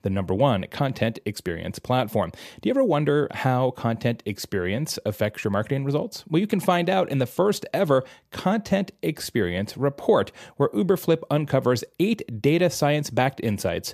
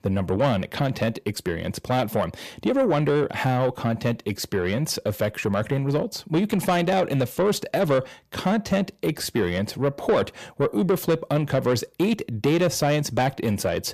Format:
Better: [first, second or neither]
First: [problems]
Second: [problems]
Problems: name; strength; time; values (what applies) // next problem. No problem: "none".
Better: first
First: none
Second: distortion; slight; 10 dB below the speech